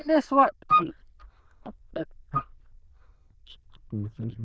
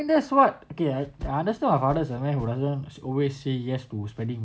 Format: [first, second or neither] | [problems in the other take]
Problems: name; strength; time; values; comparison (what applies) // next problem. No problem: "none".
second | noise reduction (neural diffusion model UNIVERSE++)